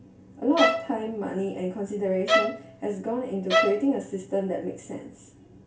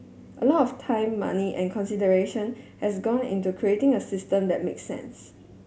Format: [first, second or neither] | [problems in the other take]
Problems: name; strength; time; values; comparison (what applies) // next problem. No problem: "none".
second | background sound (Bowed string instrument); 2 dB above the speech // room echo; dies away in 0.2 s